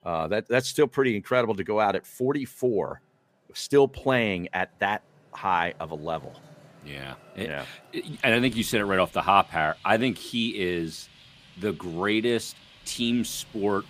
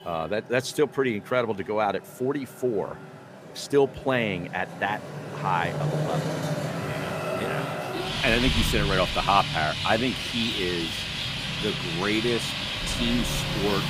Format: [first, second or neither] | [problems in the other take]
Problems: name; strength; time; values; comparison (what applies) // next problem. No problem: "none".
first | traffic noise; loud; throughout; 1 dB below the speech; faint in the first